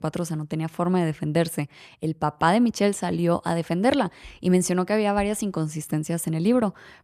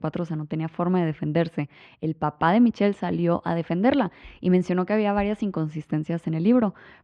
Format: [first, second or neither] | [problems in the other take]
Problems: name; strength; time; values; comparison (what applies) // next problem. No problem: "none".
first | muffled; slightly; fading above 3.5 kHz